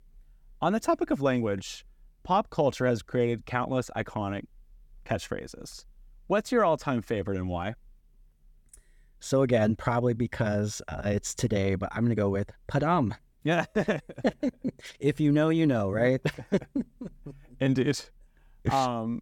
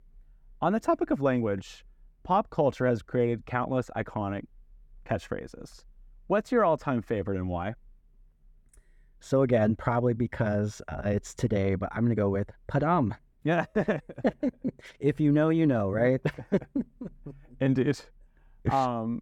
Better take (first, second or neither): first